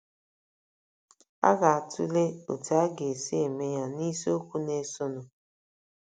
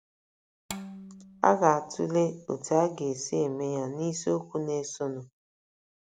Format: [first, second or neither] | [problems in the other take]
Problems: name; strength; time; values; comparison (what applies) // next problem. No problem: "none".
first | background sound (Bowed string instrument); 18 dB below the speech